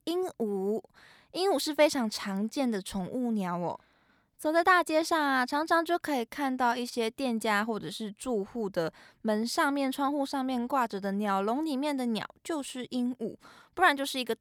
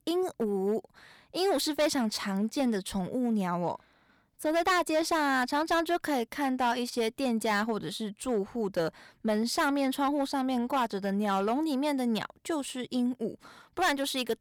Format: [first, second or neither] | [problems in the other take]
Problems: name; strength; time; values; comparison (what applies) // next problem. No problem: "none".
first | distortion; slight; 5% of the sound clipped